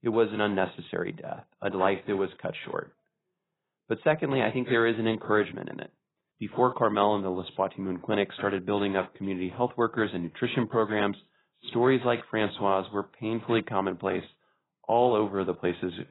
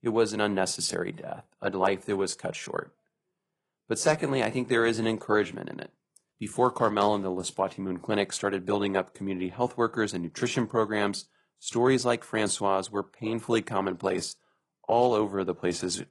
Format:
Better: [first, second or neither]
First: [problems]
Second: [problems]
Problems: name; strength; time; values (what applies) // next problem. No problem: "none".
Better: second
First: garbled, watery; badly; nothing above 4 kHz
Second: garbled, watery; slightly; nothing above 10 kHz